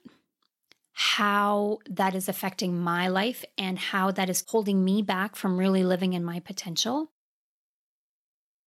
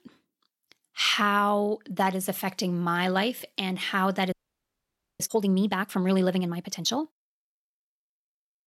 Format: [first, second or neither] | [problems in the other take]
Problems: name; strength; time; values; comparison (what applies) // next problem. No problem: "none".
first | audio freezing; at 4.5 s for 1 s